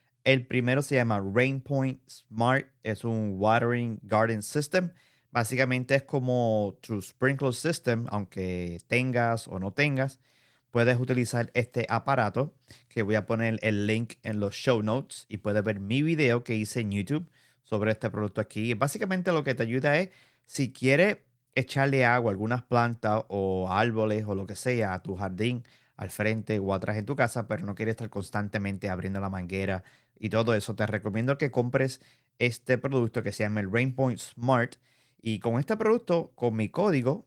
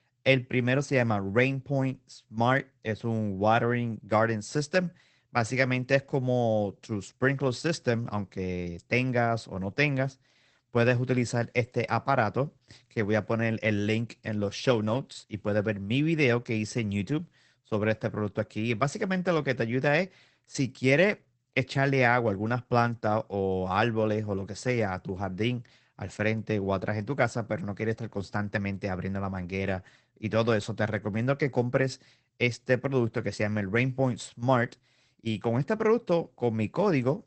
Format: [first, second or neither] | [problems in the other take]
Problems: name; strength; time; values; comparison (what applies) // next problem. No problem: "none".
first | garbled, watery; badly; nothing above 8 kHz; slightly in the first